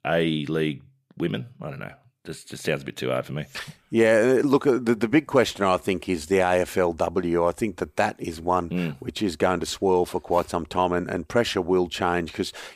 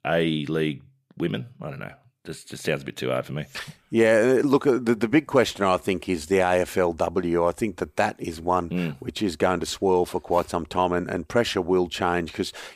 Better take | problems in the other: neither | none

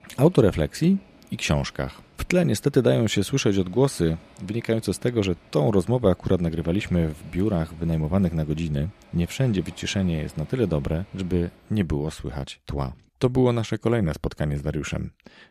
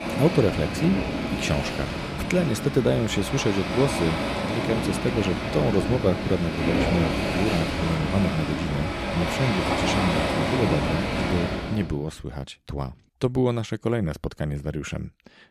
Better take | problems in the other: first | rain or running water; loud; until 12 s; as loud as the speech; faint in the first

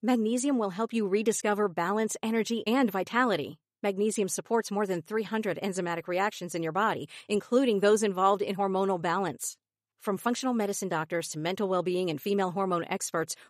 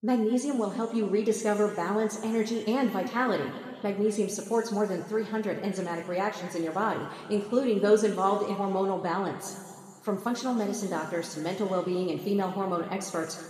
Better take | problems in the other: first | room echo; noticeable; dies away in 2.1 s // off-mic speech; somewhat distant

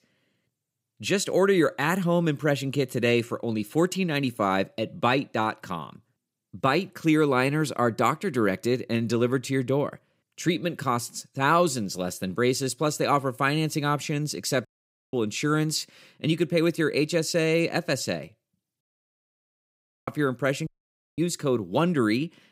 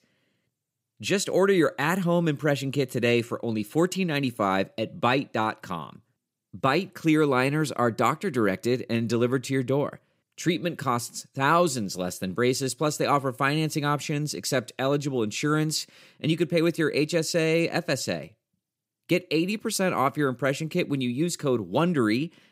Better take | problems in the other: second | audio cutting out; at 15 s, at 19 s for 1.5 s and at 21 s for 0.5 s

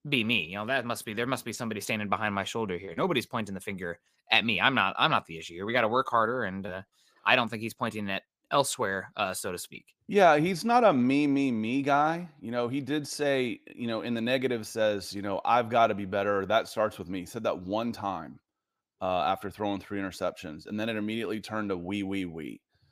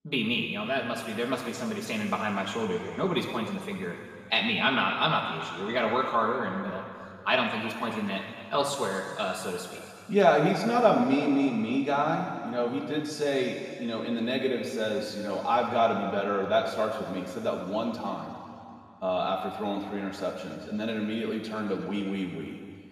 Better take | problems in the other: first | room echo; noticeable; dies away in 2.4 s // off-mic speech; far

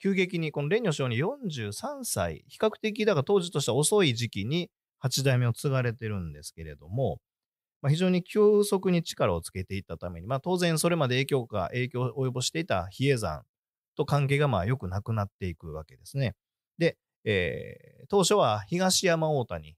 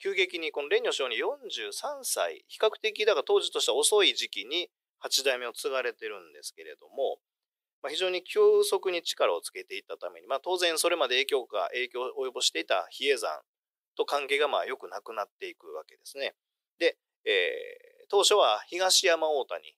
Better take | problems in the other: first | thin; very; fading below 350 Hz

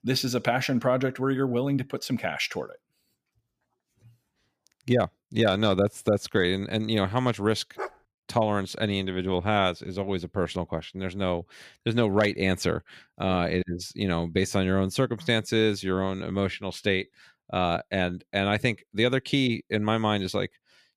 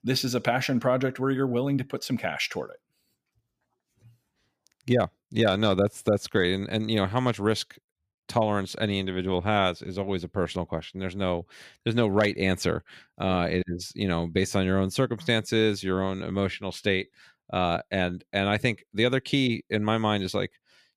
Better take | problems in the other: second | dog barking; faint; at 8 s; peak 10 dB below the speech

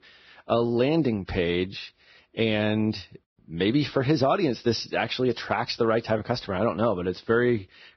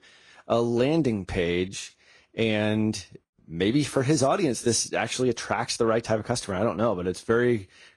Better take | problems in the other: second | garbled, watery; badly; nothing above 5.5 kHz; slightly in the second

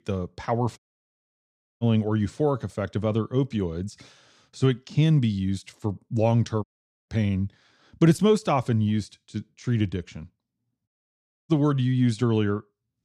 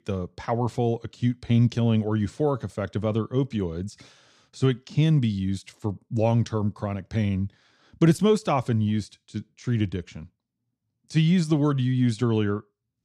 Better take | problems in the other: second | audio cutting out; at 1 s for 1 s, at 6.5 s and at 11 s for 0.5 s

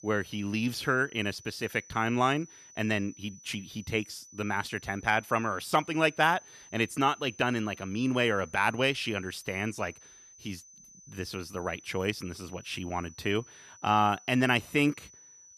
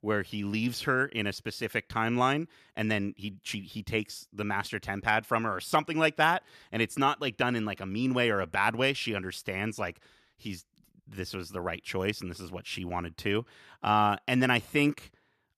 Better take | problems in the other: second | high-pitched whine; faint; throughout; 6 kHz, 20 dB below the speech

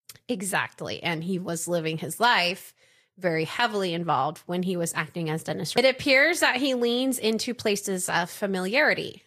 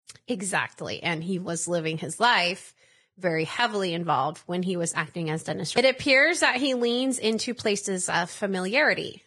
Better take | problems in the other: first | garbled, watery; badly; nothing above 10 kHz; slightly in the first

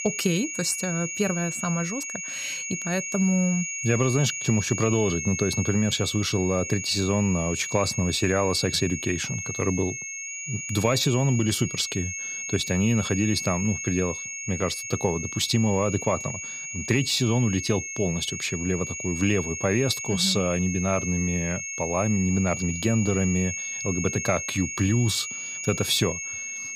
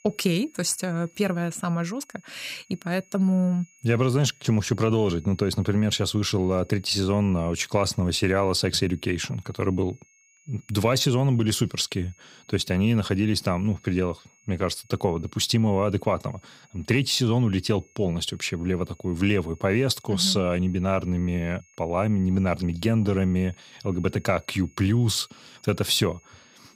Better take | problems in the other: second | high-pitched whine; loud; throughout; 6.5 kHz, 5 dB below the speech; faint in the second

